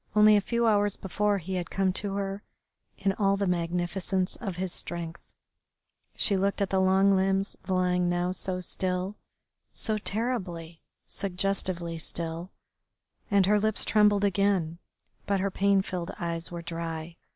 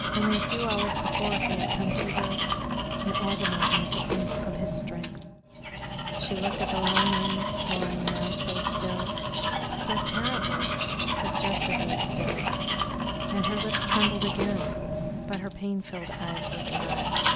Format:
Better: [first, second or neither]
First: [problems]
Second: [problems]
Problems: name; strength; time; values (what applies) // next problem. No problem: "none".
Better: first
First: none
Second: background sound (Domestic sounds, home sounds); 5 dB above the speech